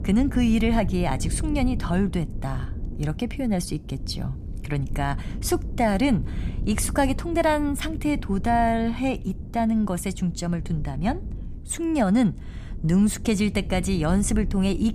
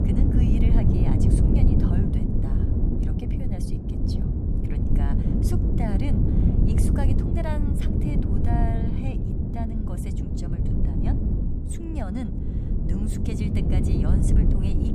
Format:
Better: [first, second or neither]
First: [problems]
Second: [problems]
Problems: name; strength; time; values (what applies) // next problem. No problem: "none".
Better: first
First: wind noise on the microphone; occasional gusts; 20 dB below the speech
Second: wind noise on the microphone; heavy; 4 dB above the speech